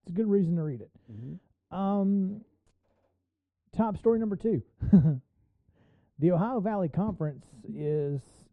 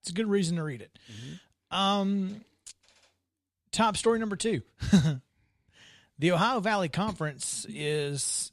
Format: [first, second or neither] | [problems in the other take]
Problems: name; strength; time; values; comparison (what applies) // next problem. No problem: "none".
second | muffled; very; fading above 1.5 kHz